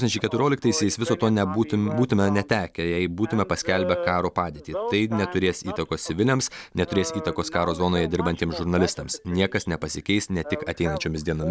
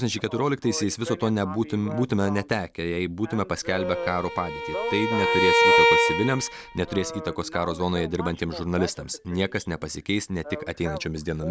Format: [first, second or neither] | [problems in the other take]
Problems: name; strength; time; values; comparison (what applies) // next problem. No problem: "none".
first | background sound (Bowed string instrument); 3 dB above the speech